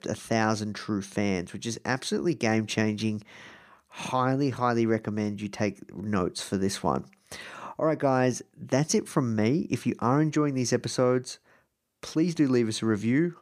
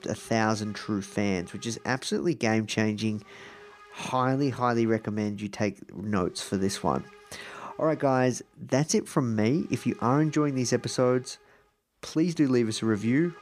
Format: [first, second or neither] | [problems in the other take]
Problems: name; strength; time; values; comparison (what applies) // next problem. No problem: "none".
first | hiss; faint; throughout; 25 dB below the speech